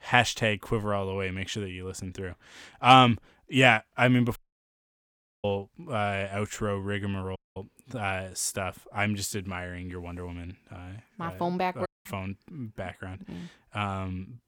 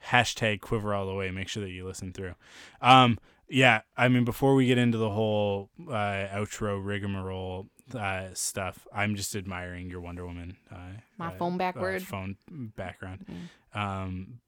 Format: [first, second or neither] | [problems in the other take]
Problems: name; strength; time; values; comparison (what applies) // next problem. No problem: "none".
second | audio cutting out; at 4.5 s for 1 s, at 7.5 s and at 12 s